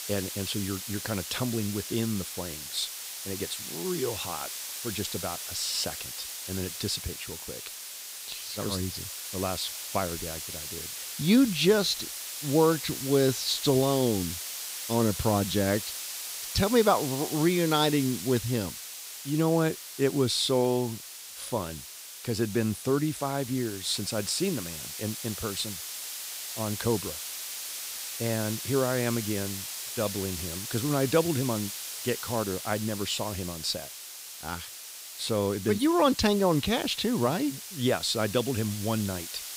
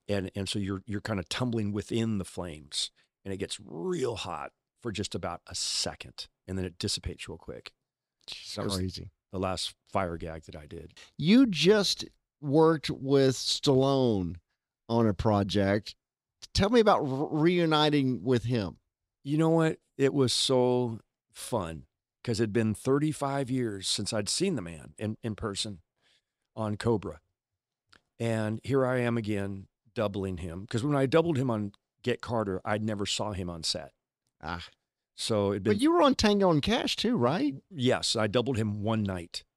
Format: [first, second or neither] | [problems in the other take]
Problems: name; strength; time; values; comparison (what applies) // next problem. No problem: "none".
second | hiss; loud; throughout; 7 dB below the speech